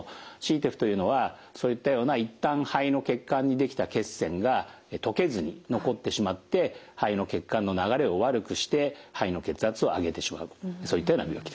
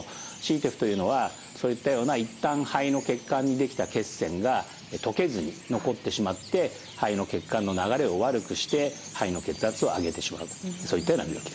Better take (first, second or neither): first